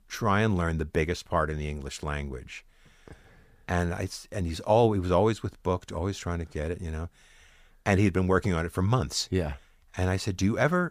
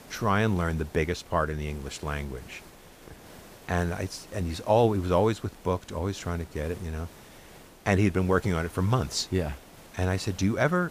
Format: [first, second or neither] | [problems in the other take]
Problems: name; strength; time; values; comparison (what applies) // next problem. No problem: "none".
first | hiss; faint; throughout; 20 dB below the speech